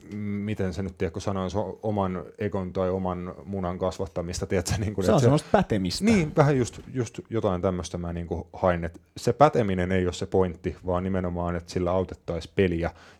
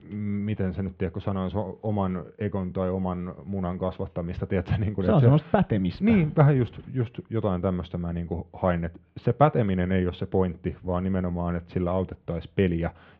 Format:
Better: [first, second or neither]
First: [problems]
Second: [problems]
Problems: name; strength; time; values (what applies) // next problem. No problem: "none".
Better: first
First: none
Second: muffled; very; fading above 3.5 kHz